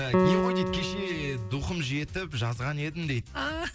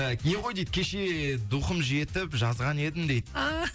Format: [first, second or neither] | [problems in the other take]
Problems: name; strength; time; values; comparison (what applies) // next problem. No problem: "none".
second | background sound (Piano); as loud as the speech